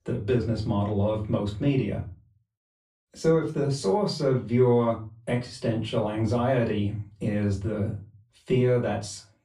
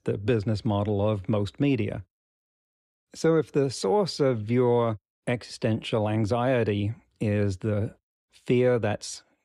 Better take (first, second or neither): second